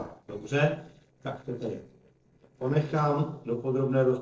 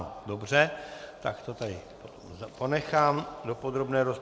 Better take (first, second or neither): second